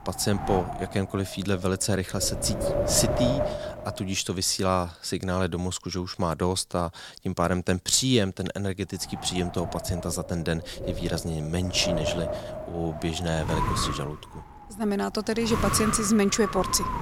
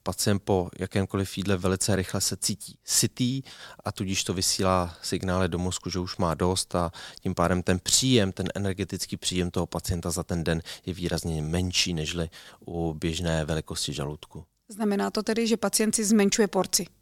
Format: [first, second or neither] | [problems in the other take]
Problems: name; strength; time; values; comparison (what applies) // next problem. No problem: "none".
second | wind noise on the microphone; heavy; until 4 s and from 9 s on; 3 dB below the speech